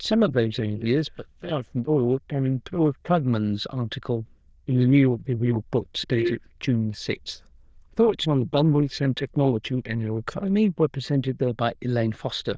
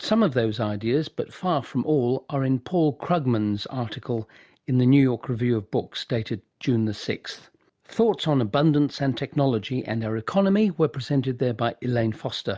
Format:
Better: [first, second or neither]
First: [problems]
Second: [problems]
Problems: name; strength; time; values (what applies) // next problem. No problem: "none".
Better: second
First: noise reduction (neural diffusion model UNIVERSE++)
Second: none